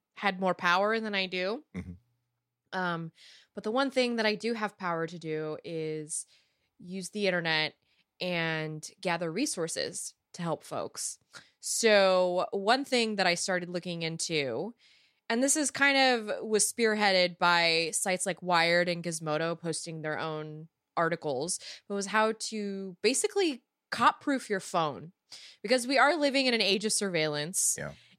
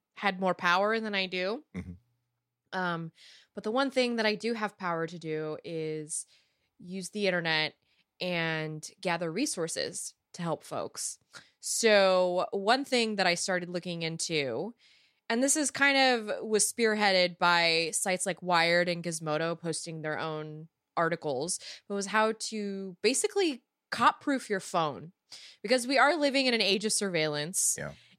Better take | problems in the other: neither | none

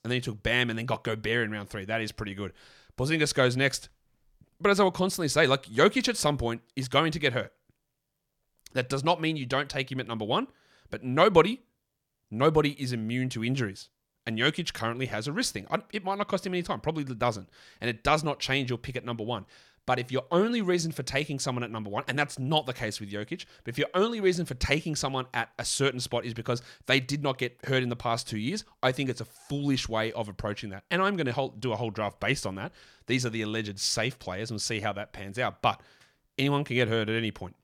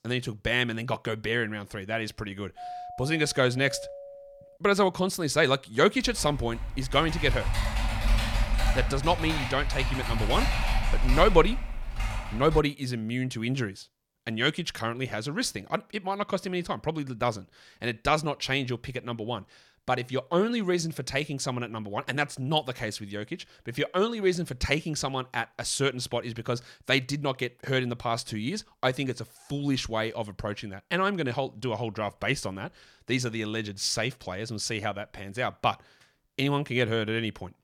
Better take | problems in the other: first | doorbell; faint; from 2.5 to 4.5 s; peak 10 dB below the speech // keyboard typing; loud; from 6 to 13 s; peak 1 dB above the speech

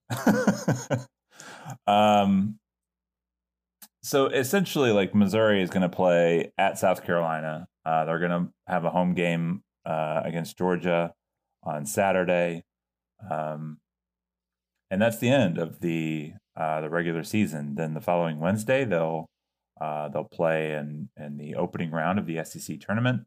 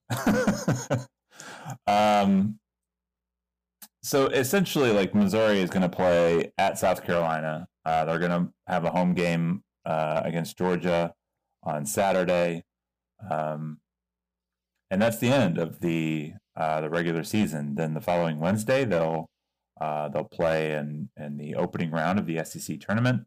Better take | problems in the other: first | distortion; slight; 6% of the sound clipped

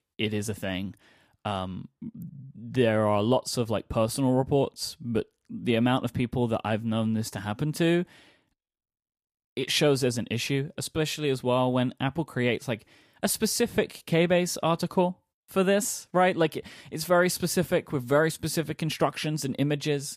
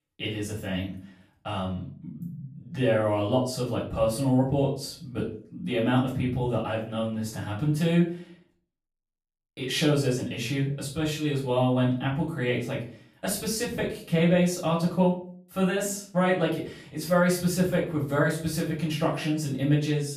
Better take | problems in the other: first | room echo; slight; dies away in 0.4 s // off-mic speech; far

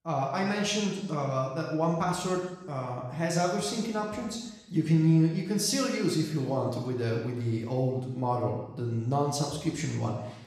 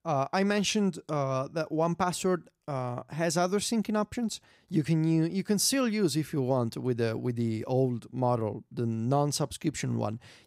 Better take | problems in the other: second | room echo; noticeable; dies away in 0.9 s // off-mic speech; far

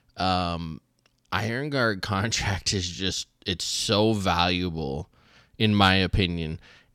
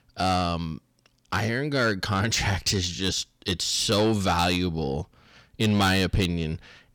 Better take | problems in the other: first | distortion; slight; 10 dB below the speech

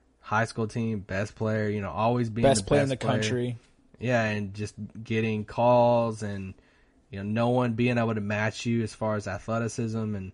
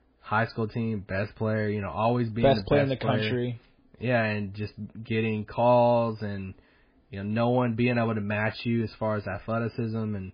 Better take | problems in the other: first | garbled, watery; badly; nothing above 5 kHz; slightly in the first

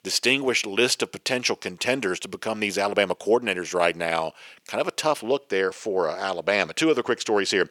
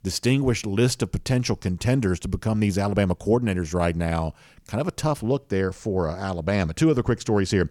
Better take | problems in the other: second | thin; somewhat; fading below 450 Hz

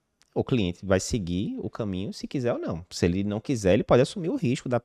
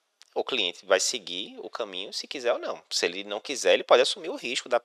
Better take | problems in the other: first | thin; very; fading below 500 Hz

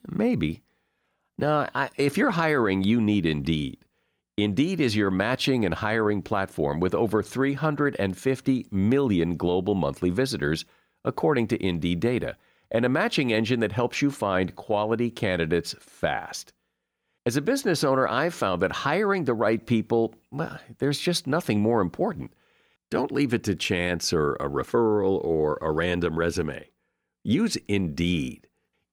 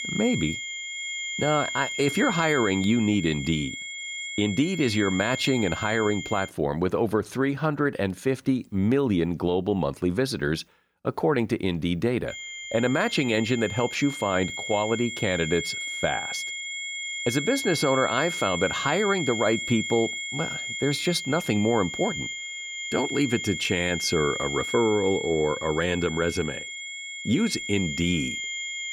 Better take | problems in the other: first | high-pitched whine; loud; until 6.5 s and from 12 s on; 2 kHz, 5 dB below the speech

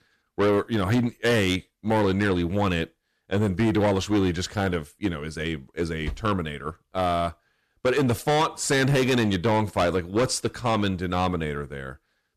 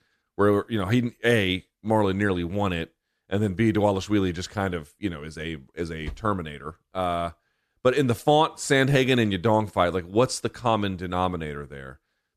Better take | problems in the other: second | distortion; heavy; 8 dB below the speech

